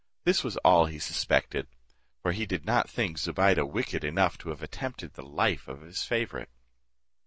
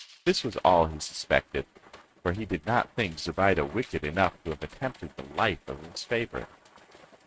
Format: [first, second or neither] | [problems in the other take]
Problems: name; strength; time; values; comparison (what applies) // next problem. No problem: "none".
first | noise reduction (neural mask model RNNoise)